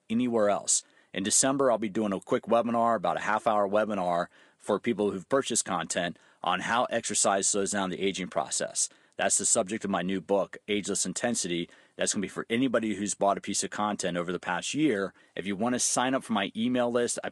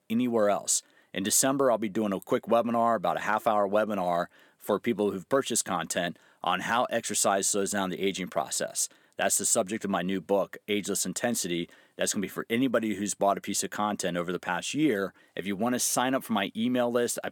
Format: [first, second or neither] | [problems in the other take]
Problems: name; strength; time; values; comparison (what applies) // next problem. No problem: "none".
second | garbled, watery; slightly